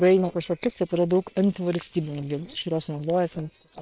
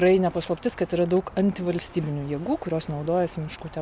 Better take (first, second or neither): second